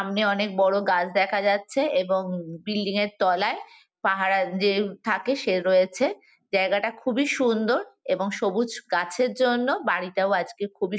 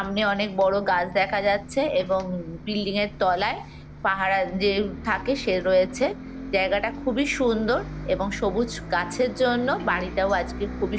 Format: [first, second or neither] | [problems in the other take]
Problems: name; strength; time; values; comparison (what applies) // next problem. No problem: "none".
first | background sound (Bus); 12 dB below the speech